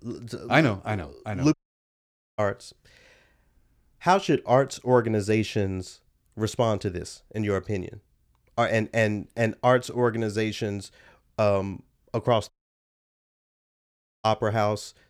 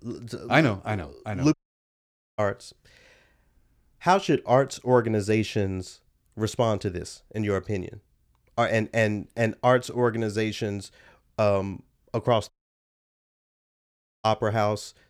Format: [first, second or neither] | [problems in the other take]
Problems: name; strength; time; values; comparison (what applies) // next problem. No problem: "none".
neither | audio cutting out; at 1.5 s for 1 s and at 13 s for 1.5 s; the same in both